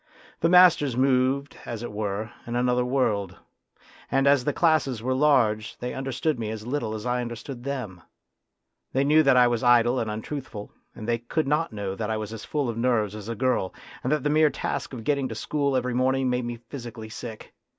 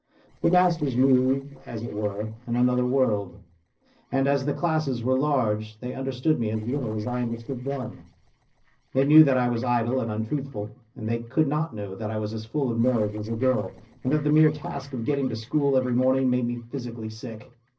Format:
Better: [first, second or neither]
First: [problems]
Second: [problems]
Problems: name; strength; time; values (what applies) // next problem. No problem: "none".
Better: first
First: none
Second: noise reduction (neural separator model SepFormer DNS4)